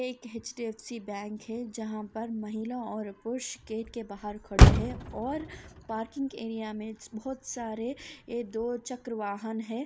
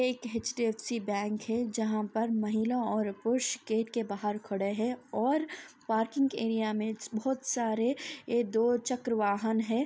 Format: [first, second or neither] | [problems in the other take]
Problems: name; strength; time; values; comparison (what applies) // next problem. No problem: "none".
second | background sound (Motor vehicle (road)); 5 dB above the speech